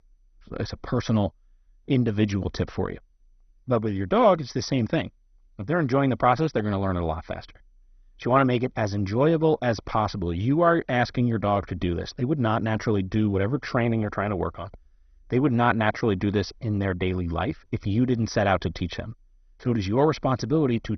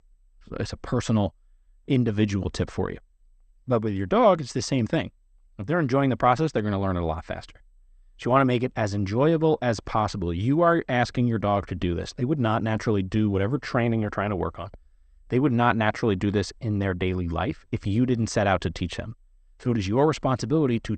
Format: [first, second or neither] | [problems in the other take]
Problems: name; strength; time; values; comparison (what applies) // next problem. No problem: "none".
second | garbled, watery; badly; nothing above 6 kHz; slightly in the second